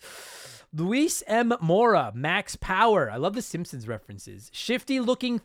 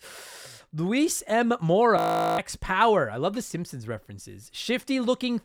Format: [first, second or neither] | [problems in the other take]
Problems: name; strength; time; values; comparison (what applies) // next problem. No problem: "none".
first | audio freezing; at 2 s